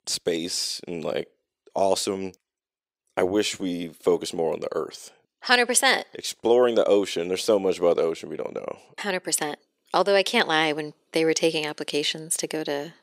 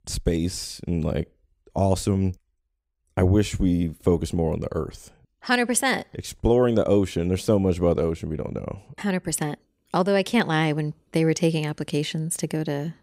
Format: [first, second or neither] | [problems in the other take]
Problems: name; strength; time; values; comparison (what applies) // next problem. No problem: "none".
second | thin; somewhat; fading below 450 Hz